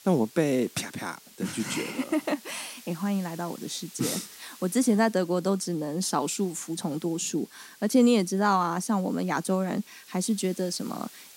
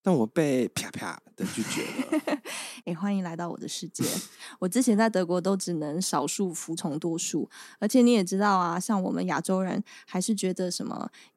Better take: second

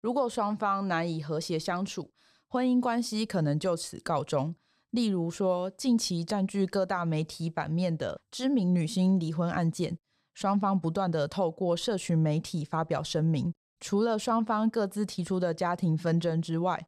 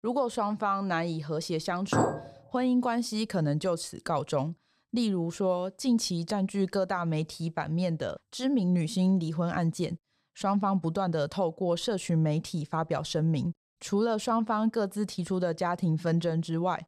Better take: first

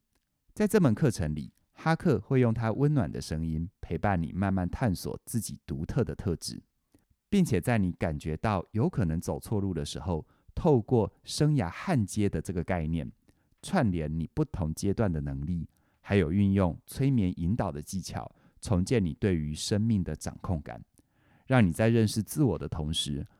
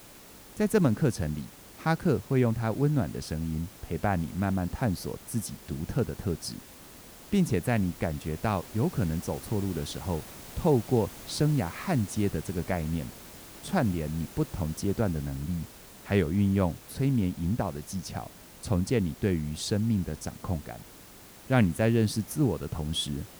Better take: first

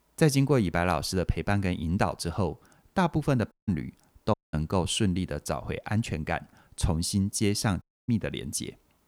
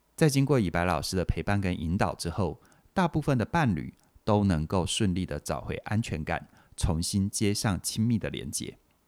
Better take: second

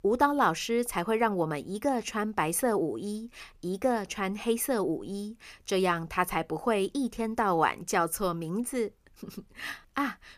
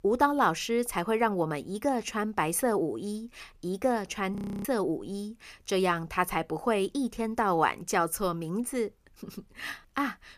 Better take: first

